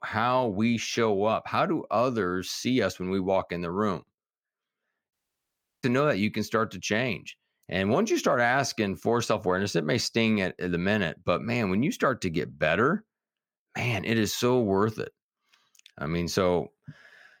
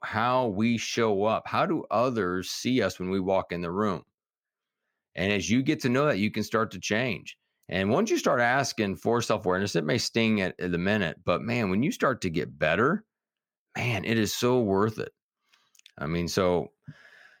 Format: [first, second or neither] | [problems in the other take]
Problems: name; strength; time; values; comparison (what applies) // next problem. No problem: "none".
second | audio cutting out; at 5 s for 0.5 s